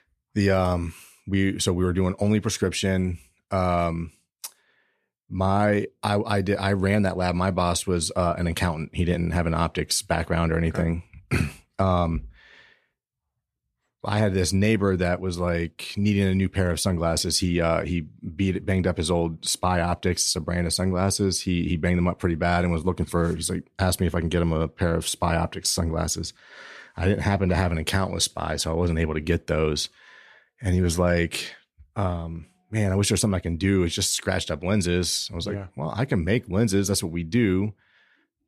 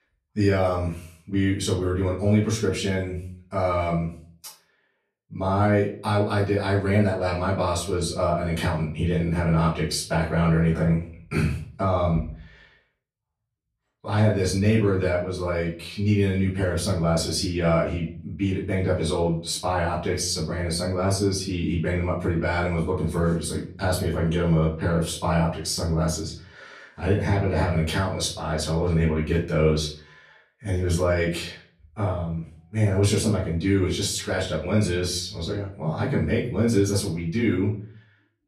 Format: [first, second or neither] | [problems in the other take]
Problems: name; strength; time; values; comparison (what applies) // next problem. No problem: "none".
first | off-mic speech; far // room echo; slight; dies away in 0.4 s